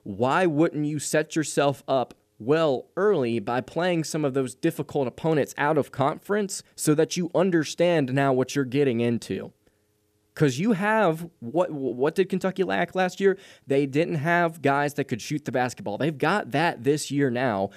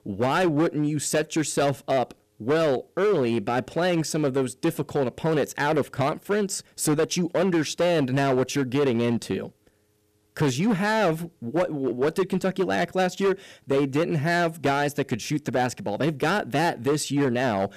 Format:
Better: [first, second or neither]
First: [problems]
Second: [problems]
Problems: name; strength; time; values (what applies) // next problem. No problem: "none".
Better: first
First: none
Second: distortion; slight; 12% of the sound clipped